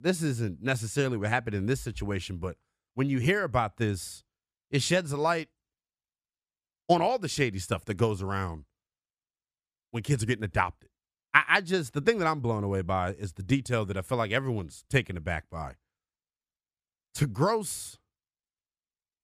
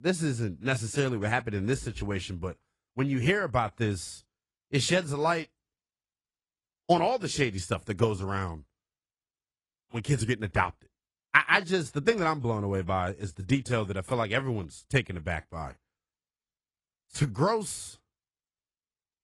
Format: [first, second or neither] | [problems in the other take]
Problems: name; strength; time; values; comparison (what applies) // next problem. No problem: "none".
first | garbled, watery; slightly; nothing above 10.5 kHz